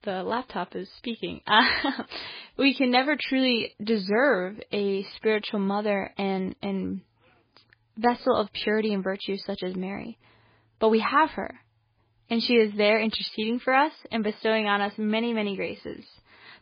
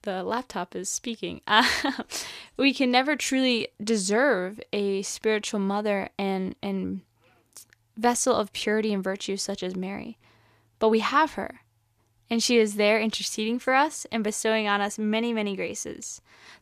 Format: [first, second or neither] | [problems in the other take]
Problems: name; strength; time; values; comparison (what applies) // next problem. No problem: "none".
second | garbled, watery; badly; nothing above 4.5 kHz